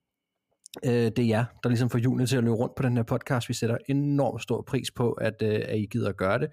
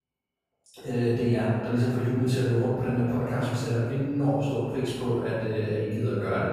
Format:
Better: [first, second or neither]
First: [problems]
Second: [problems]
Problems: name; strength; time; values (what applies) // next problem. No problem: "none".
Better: first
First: none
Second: off-mic speech; far // room echo; strong; dies away in 1.6 s